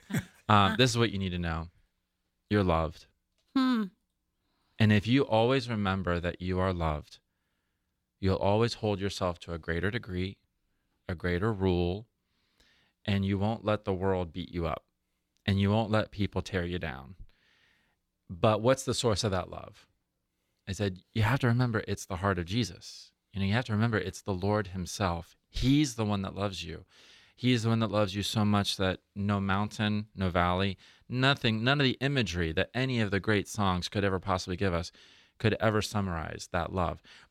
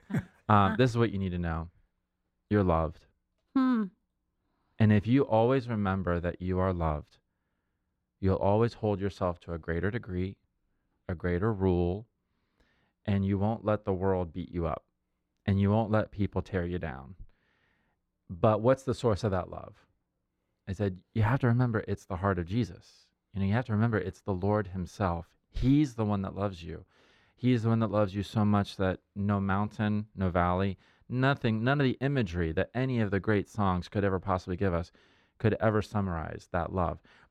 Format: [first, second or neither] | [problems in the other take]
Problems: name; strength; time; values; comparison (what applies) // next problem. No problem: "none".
first | muffled; slightly; fading above 2 kHz